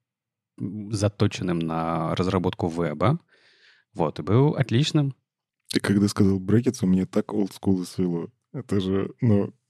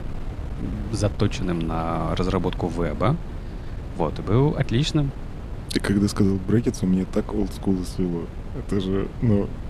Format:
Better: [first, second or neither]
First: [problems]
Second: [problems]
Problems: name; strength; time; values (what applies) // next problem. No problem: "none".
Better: first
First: none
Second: wind noise on the microphone; occasional gusts; 15 dB below the speech